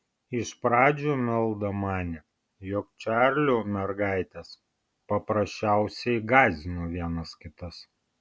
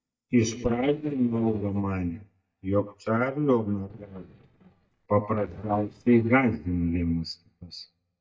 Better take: first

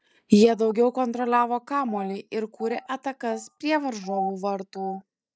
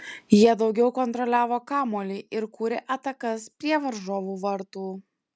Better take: second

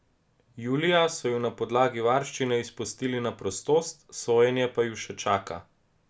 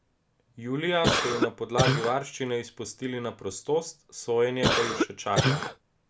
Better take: first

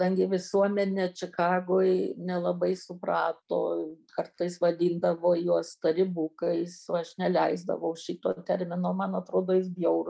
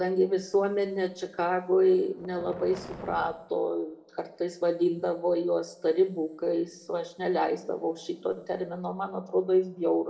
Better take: first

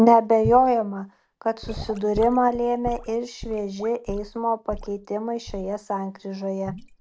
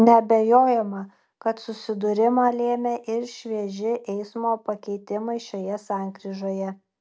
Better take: second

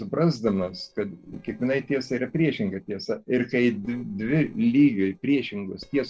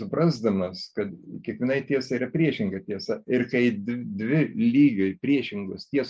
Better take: second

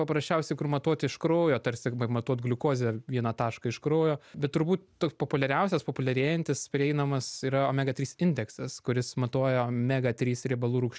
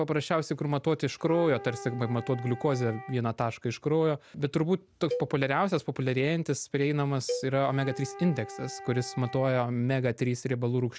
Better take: first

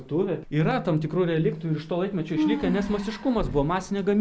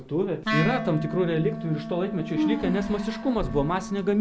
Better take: first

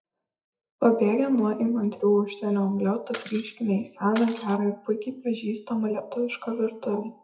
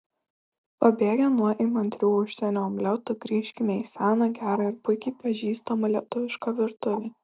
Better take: second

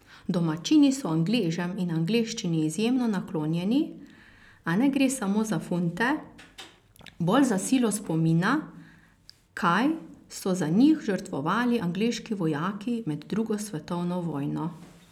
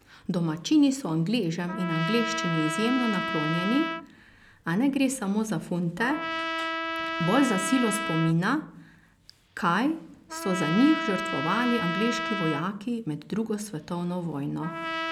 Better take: first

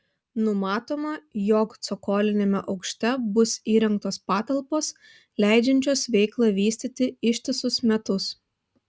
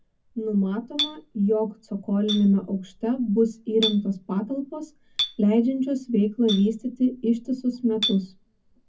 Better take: first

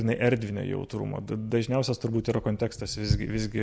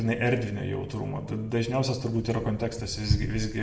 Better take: first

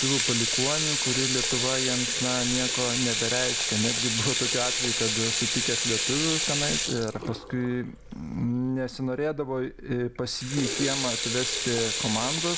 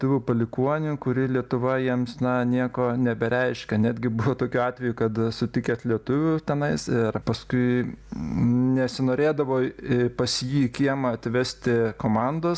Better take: second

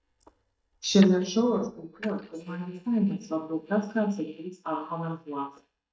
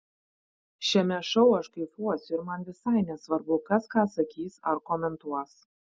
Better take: second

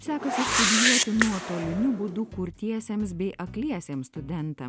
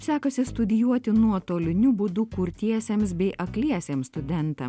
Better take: second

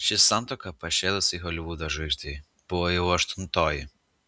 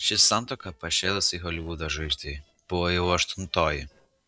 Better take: first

